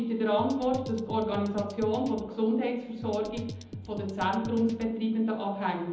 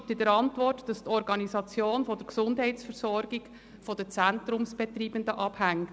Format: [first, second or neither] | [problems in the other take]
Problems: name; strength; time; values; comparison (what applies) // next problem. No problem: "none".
second | background sound (Drum kit); 12 dB below the speech // room echo; dies away in 1 s